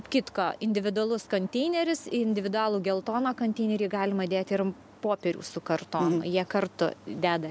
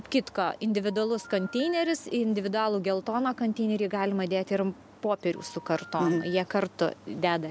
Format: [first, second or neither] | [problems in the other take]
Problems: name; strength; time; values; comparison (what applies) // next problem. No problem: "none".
first | background sound (Telephone); 18 dB below the speech